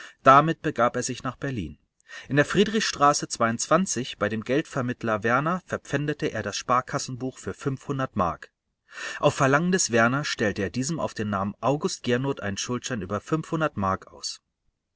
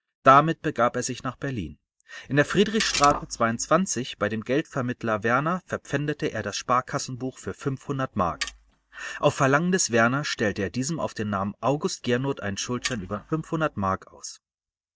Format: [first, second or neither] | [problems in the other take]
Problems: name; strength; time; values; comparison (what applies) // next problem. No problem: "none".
first | noise reduction (neural mask model DeepFilterNet 3)